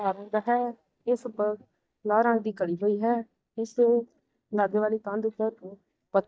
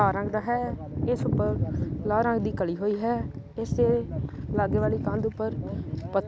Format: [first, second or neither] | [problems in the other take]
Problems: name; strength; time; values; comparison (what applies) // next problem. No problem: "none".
second | noise reduction (neural mask model DeepFilterNet 3)